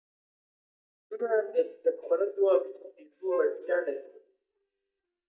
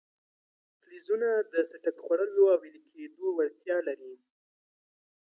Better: second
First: noise reduction (neural mask model DeepFilterNet 3)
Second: none

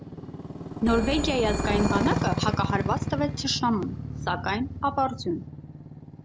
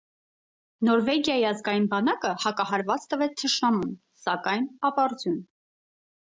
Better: second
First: background sound (Motorcycle + Telephone); 2 dB below the speech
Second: none

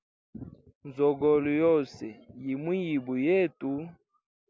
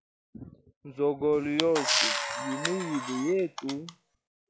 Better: first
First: none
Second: noise reduction (classical method log-MMSE)

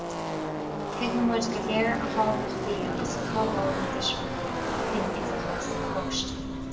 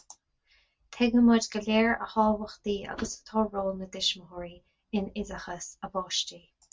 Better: second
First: background sound (Car passing by / Race car, auto racing); 1 dB above the speech // room echo; dies away in 1.5 s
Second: none

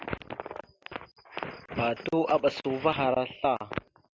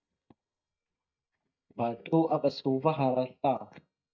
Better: first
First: none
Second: noise reduction (neural mask model DeepFilterNet 3)

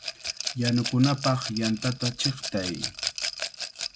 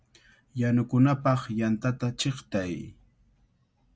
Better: second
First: background sound (Rattle / Glass); 5 dB below the speech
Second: none

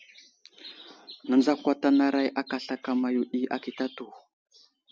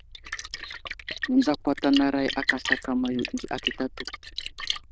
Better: first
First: none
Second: noise reduction (neural diffusion model UNIVERSE++)

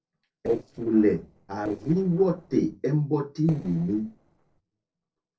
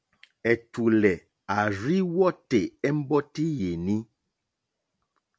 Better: second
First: noise reduction (neural separator model SepFormer DNS4)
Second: none

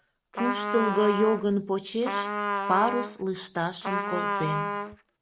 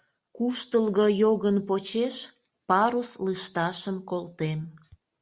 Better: second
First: background sound (Trumpet); 3 dB below the speech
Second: none

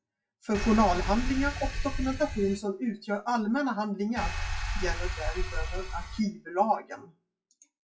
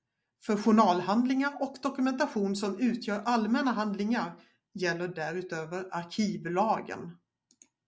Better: second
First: noise reduction (classical method WPE with log-MMSE)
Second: none

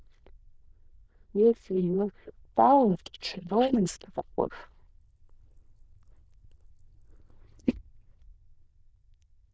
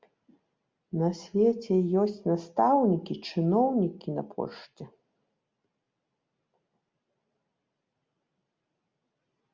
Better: second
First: noise reduction (neural diffusion model UNIVERSE++)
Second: none

